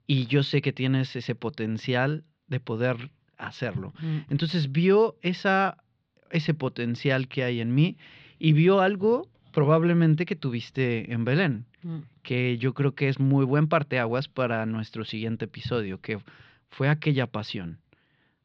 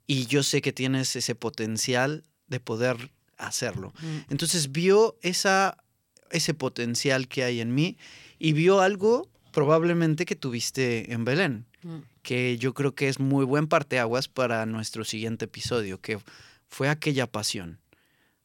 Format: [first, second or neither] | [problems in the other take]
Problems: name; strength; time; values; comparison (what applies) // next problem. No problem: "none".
second | muffled; slightly; fading above 4 kHz